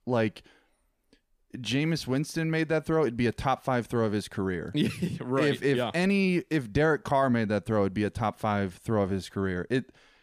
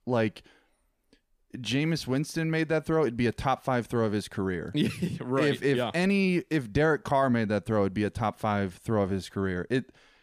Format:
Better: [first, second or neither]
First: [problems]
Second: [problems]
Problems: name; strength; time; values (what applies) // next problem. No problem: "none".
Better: neither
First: none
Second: none